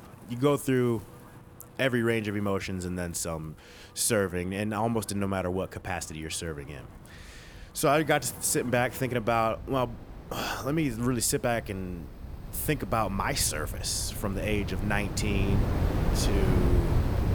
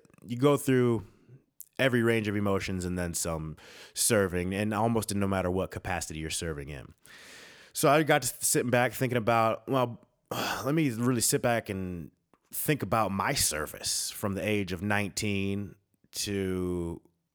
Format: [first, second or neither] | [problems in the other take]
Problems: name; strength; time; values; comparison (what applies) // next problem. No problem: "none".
second | wind in the background; loud; throughout; 5 dB below the speech